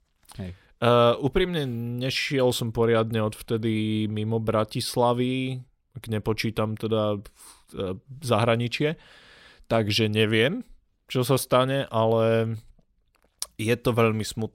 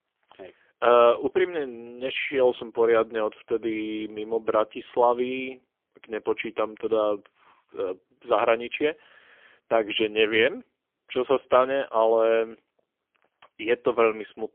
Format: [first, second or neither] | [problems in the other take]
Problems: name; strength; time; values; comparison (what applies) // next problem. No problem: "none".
first | phone-call audio; poor line; nothing above 3.5 kHz